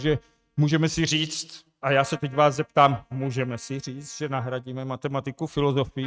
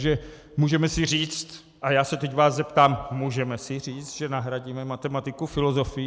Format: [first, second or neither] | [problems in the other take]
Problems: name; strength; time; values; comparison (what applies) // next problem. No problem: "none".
second | noise reduction (neural mask model RNNoise)